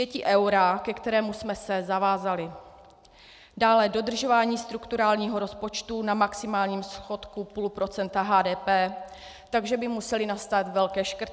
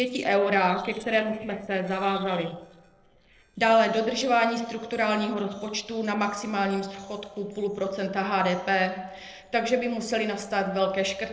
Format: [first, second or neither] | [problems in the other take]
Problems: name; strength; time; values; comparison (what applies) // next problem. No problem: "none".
first | noise reduction (neural separator model SepFormer DNS4)